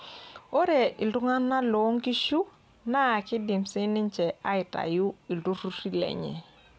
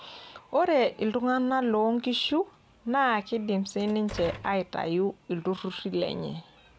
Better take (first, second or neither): first